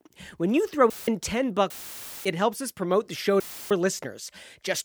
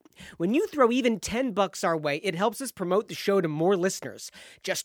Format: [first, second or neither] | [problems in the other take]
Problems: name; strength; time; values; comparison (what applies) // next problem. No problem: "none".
second | audio cutting out; filled with static; at 1 s, at 1.5 s for 0.5 s and at 3.5 s